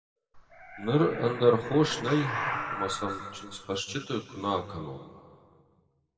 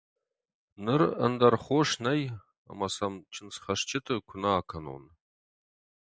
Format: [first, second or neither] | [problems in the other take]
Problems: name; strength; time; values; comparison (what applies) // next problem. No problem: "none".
second | background sound (Animal); 7 dB below the speech // room echo; dies away in 2 s